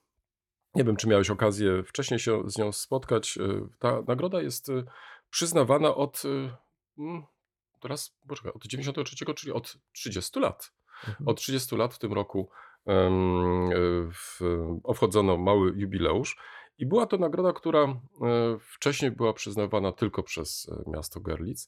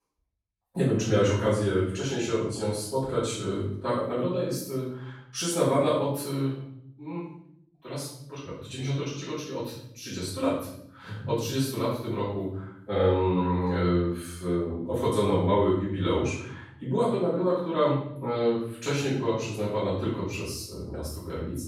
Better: first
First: none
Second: room echo; noticeable; dies away in 0.7 s // off-mic speech; far

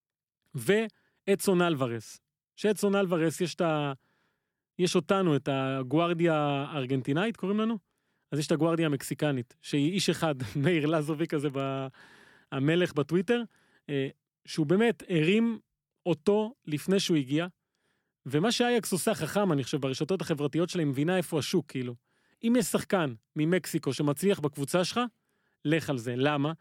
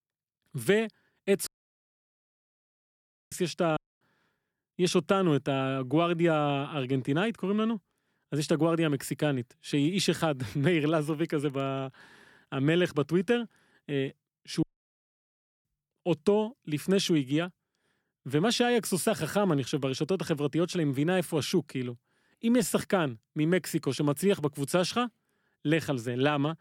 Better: first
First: none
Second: audio cutting out; at 1.5 s for 2 s, at 4 s and at 15 s for 1 s

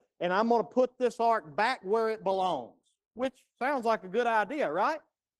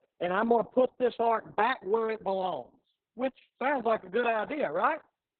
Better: first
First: garbled, watery; slightly; nothing above 14 kHz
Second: garbled, watery; badly; nothing above 4 kHz

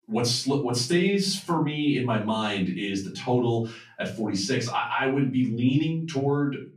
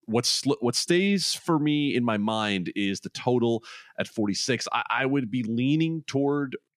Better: second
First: off-mic speech; far // room echo; slight; dies away in 0.3 s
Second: none

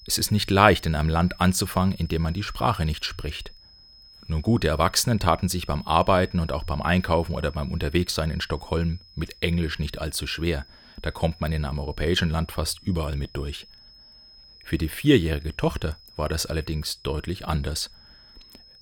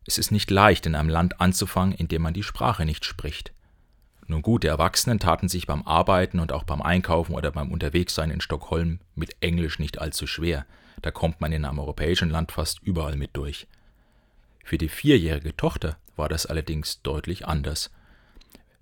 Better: second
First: high-pitched whine; faint; throughout; 5 kHz, 25 dB below the speech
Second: none

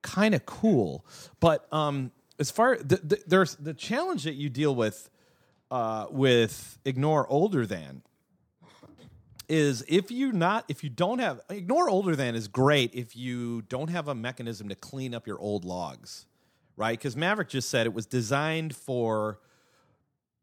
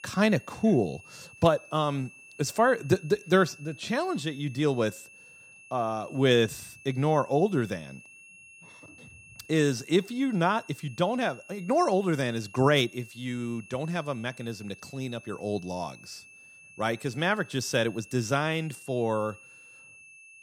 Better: first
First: none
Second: high-pitched whine; faint; throughout; 2.5 kHz, 20 dB below the speech

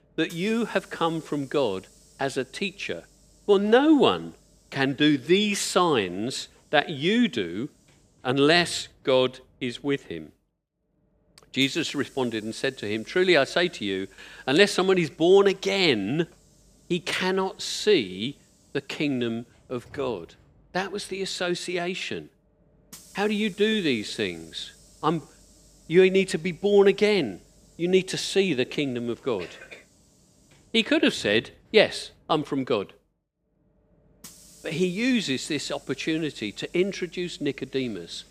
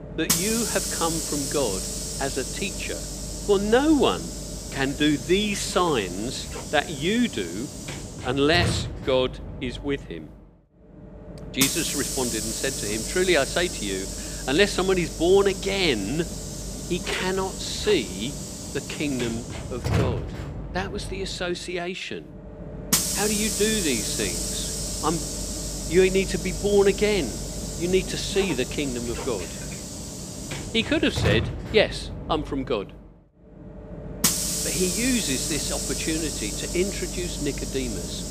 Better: first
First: hiss; faint; throughout; 30 dB below the speech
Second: hiss; loud; throughout; 3 dB below the speech

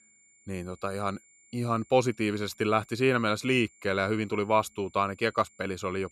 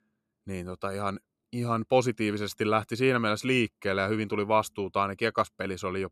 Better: second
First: high-pitched whine; faint; throughout; 7.5 kHz, 30 dB below the speech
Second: none

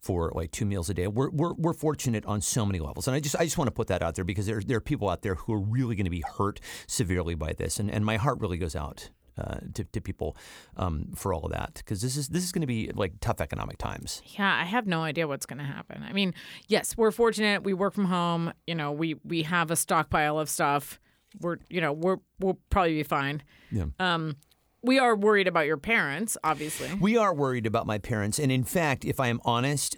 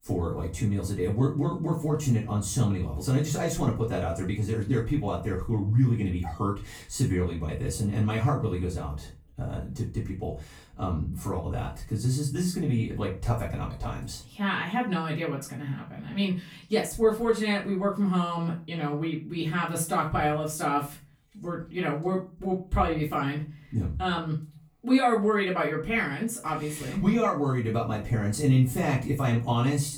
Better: first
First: none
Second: room echo; slight; dies away in 0.3 s // off-mic speech; far

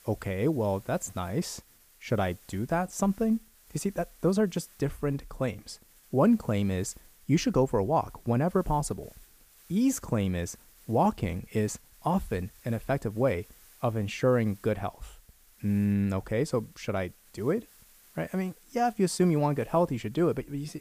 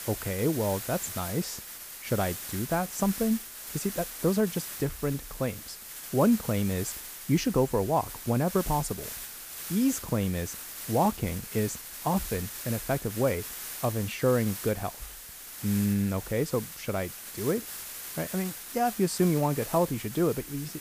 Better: first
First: hiss; faint; throughout; 25 dB below the speech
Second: hiss; loud; throughout; 8 dB below the speech

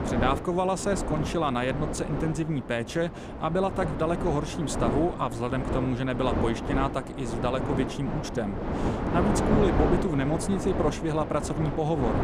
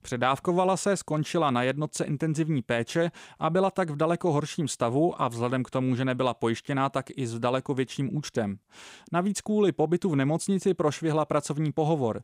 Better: second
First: wind noise on the microphone; heavy; 4 dB below the speech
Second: none

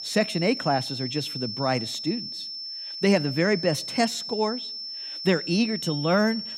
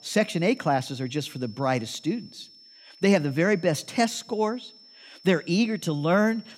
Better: second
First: high-pitched whine; loud; throughout; 5.5 kHz, 6 dB below the speech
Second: high-pitched whine; faint; throughout; 5.5 kHz, 25 dB below the speech

